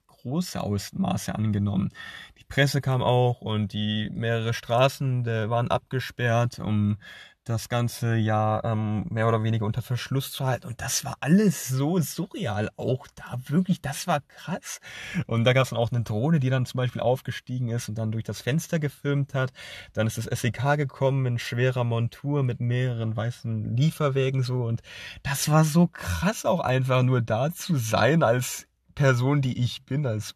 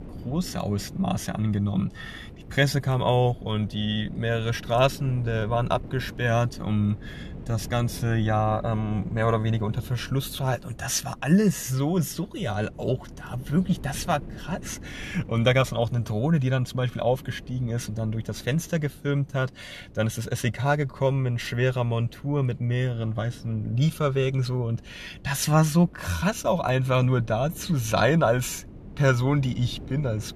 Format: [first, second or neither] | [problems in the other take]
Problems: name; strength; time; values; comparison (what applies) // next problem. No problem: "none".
first | wind noise on the microphone; occasional gusts; 20 dB below the speech